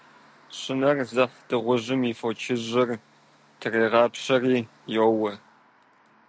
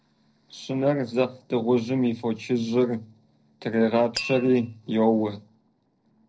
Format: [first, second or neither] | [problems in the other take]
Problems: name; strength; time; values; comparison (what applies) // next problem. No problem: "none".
first | noise reduction (neural separator model SepFormer DNS4)